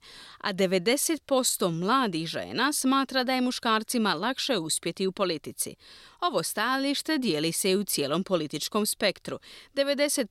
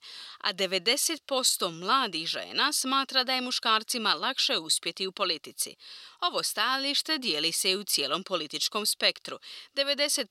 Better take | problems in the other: first | thin; very slightly; fading below 550 Hz

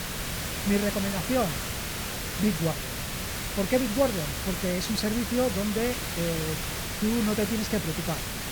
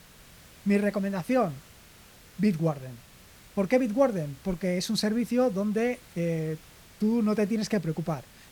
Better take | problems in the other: second | hiss; loud; throughout; 2 dB below the speech; faint in the second

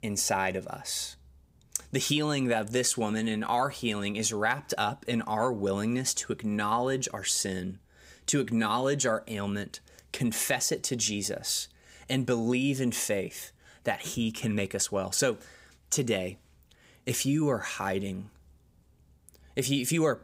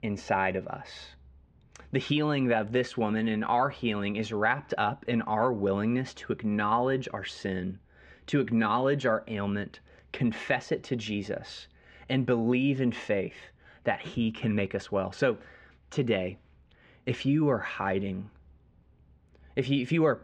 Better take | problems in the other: first | muffled; very; fading above 3 kHz

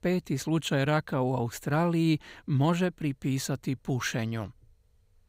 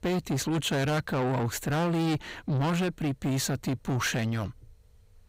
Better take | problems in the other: first | distortion; heavy; 7 dB below the speech

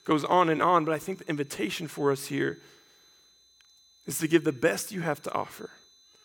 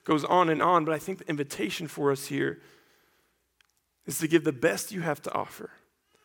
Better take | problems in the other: second | high-pitched whine; faint; throughout; 4 kHz, 30 dB below the speech

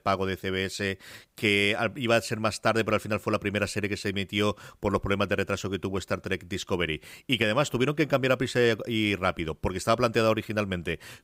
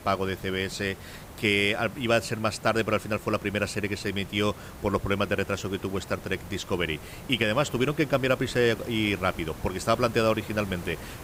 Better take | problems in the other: first | hiss; noticeable; throughout; 15 dB below the speech

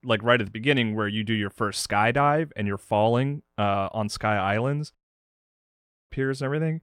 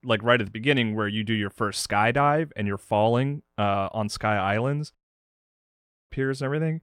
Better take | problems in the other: neither | audio cutting out; at 5 s for 1 s; the same in both

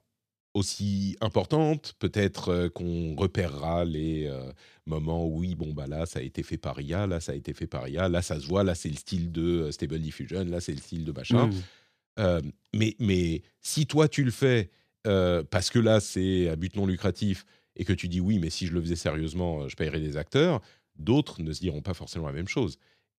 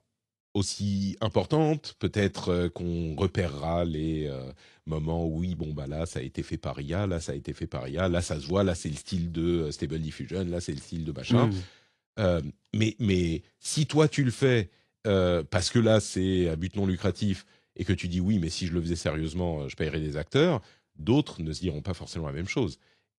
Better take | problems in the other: first | garbled, watery; slightly

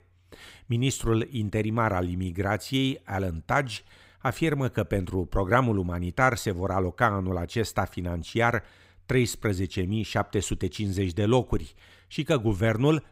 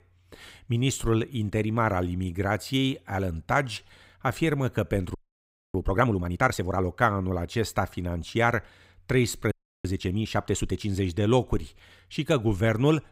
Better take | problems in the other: first | audio freezing; at 5 s for 0.5 s and at 9.5 s

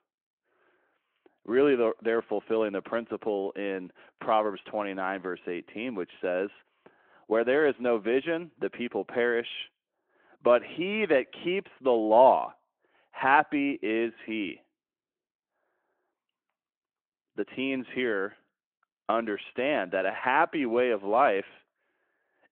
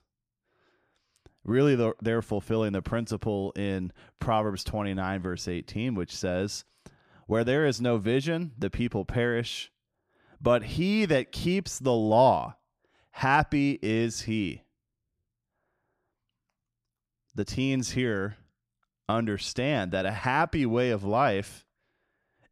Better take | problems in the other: second | phone-call audio

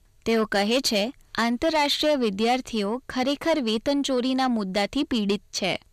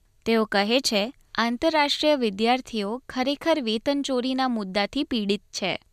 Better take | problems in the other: second | distortion; slight; 10 dB below the speech

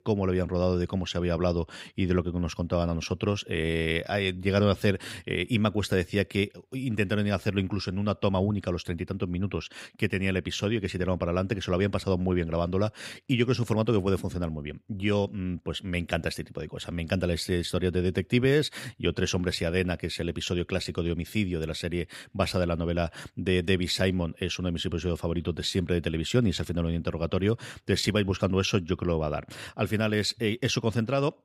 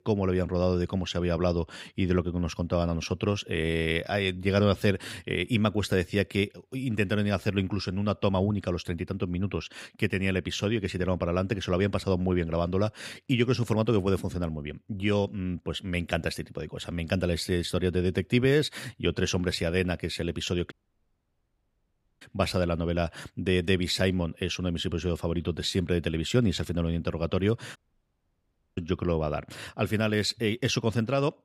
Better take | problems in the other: first | audio cutting out; at 21 s for 1.5 s and at 28 s for 1 s

